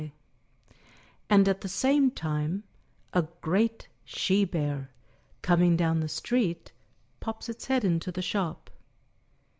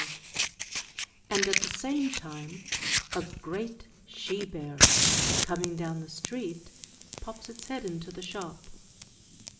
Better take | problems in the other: first | background sound (Fire); 5 dB above the speech // room echo; dies away in 1.3 s

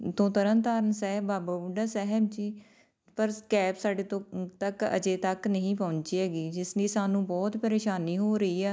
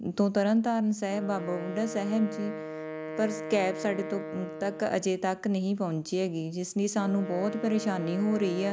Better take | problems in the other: first | background sound (Wind instrument, woodwind instrument); 11 dB below the speech

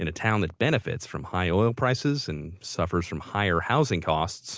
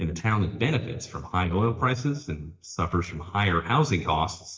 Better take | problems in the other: first | noise reduction (neural mask model DeepFilterNet 3)

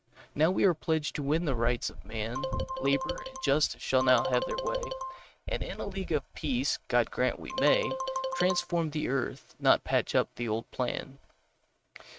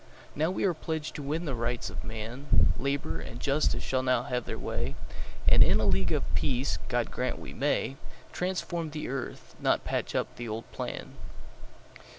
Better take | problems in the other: second | noise reduction (neural mask model RNNoise)

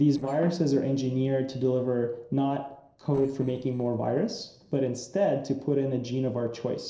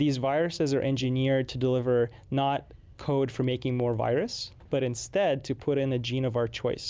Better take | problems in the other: second | noise reduction (neural separator model SepFormer DNS4)

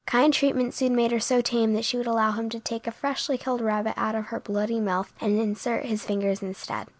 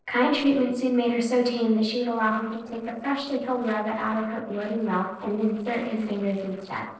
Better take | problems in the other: first | noise reduction (neural separator model SepFormer DNS4)

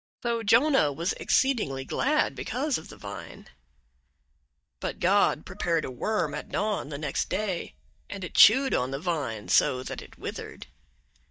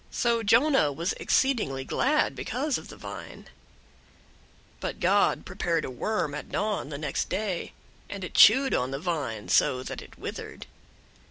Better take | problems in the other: second | noise reduction (neural mask model DeepFilterNet 3)

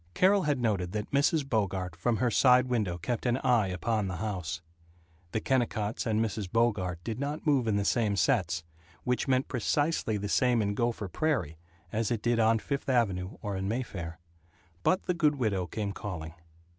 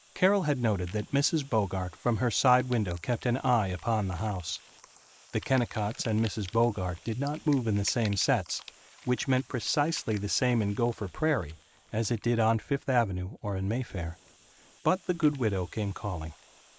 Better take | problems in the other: first | noise reduction (neural mask model Resemble Enhance denoiser)

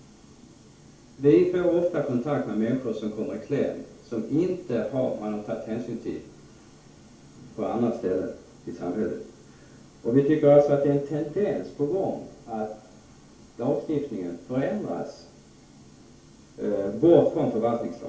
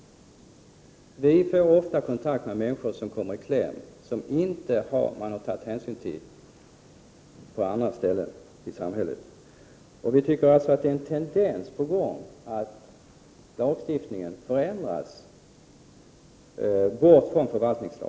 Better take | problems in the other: second | room echo; dies away in 0.3 s

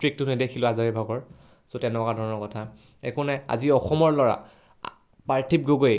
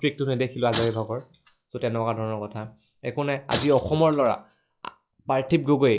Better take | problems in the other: first | noise reduction (classical method log-MMSE)

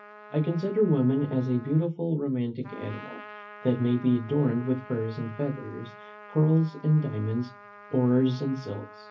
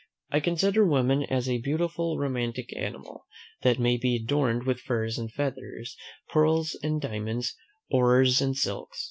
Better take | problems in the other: second | background sound (Trumpet); 19 dB below the speech // room echo; dies away in 0.4 s

